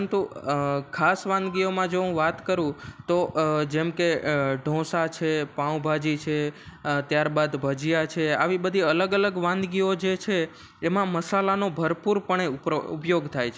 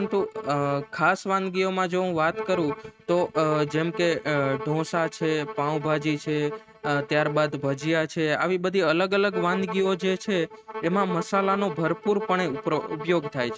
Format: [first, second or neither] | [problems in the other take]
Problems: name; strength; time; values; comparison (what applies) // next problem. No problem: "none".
first | noise reduction (neural mask model RNNoise)